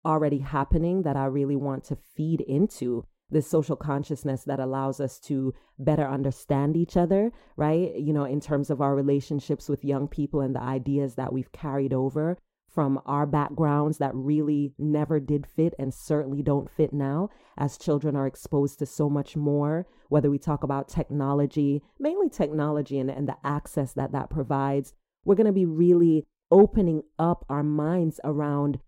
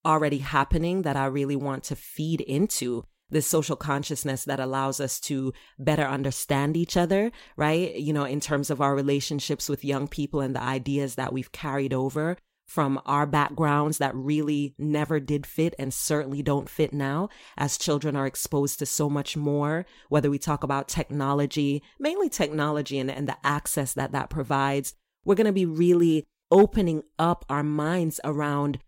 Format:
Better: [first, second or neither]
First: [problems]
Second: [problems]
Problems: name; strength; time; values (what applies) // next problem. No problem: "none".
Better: second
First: muffled; slightly; fading above 1.5 kHz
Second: none